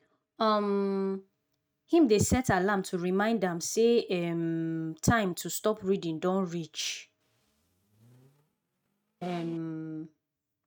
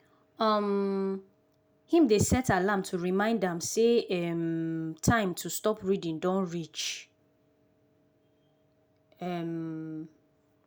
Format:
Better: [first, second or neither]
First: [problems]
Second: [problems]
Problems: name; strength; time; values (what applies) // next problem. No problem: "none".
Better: second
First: noise reduction (neural mask model RNNoise)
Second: none